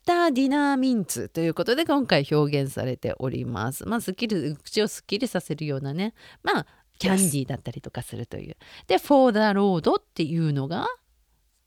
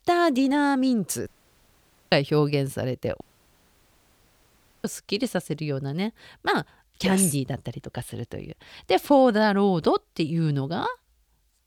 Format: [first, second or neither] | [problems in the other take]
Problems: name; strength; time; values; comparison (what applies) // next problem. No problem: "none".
first | audio cutting out; at 1.5 s for 1 s and at 3 s for 1.5 s